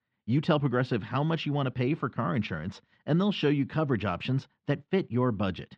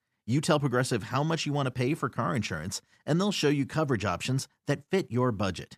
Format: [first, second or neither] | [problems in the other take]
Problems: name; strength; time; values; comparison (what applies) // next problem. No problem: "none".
second | muffled; slightly; fading above 3.5 kHz